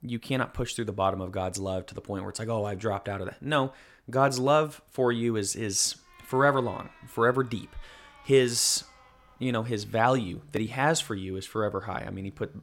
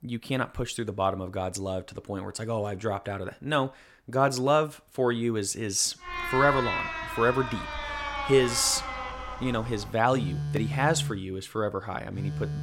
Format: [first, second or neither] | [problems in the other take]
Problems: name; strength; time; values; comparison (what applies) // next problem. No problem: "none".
first | alarms or sirens; loud; from 6 s on; 5 dB below the speech; faint in the first